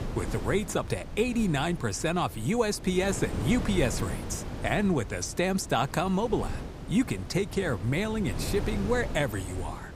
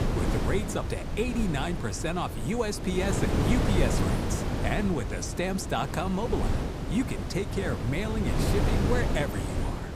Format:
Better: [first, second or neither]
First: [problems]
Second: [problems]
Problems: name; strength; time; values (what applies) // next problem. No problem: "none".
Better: first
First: wind noise on the microphone; occasional gusts; 10 dB below the speech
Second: wind noise on the microphone; heavy; 2 dB below the speech